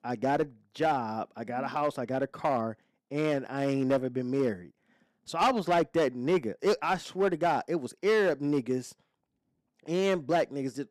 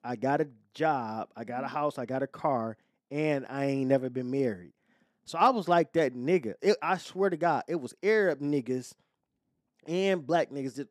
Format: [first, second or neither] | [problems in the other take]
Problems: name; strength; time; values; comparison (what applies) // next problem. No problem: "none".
second | distortion; slight; 4% of the sound clipped